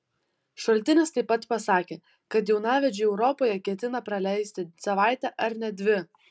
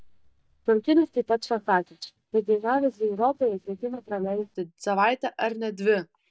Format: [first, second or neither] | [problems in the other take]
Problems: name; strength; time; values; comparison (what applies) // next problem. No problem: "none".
first | noise reduction (neural mask model DeepFilterNet 3)